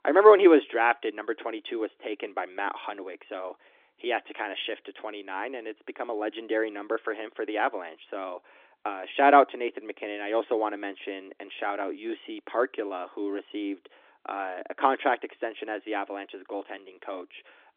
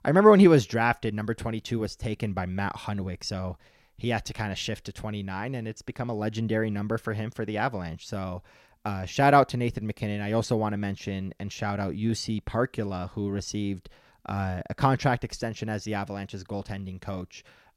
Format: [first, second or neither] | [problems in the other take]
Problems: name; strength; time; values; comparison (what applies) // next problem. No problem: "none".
second | phone-call audio; nothing above 3.5 kHz